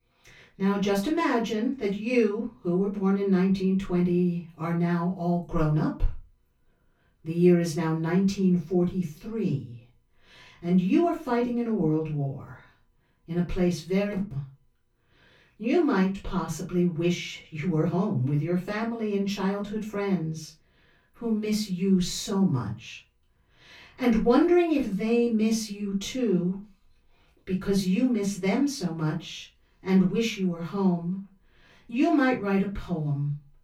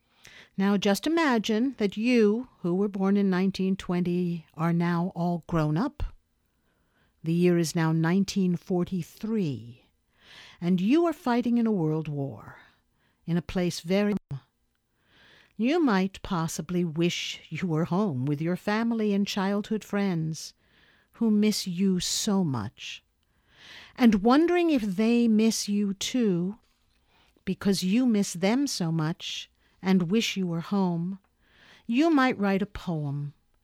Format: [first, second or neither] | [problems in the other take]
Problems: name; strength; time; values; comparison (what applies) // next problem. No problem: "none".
second | off-mic speech; far // room echo; slight; dies away in 0.2 s